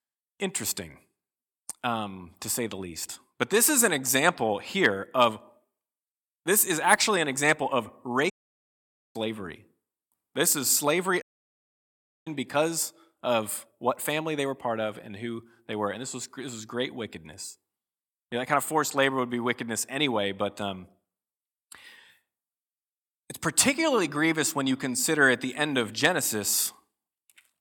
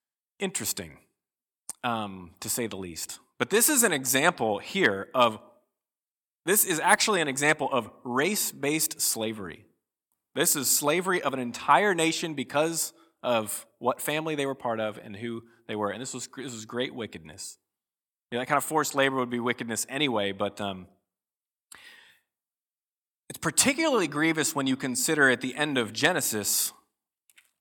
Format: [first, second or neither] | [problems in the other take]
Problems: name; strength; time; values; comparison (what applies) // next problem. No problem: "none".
second | audio cutting out; at 8.5 s for 1 s and at 11 s for 1 s